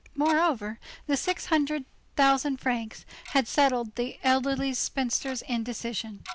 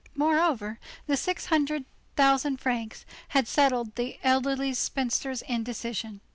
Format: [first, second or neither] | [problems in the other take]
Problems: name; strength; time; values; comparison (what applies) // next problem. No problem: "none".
second | background sound (Tick-tock); 19 dB below the speech